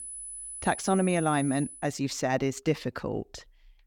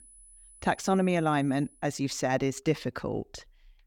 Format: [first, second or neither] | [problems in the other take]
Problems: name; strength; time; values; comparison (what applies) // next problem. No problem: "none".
second | high-pitched whine; loud; until 2 s; 10 kHz, 9 dB below the speech; faint in the second